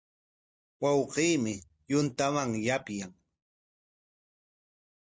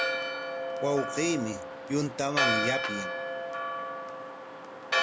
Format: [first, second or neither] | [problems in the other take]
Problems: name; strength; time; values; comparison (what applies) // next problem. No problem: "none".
first | background sound (Church bell); 2 dB above the speech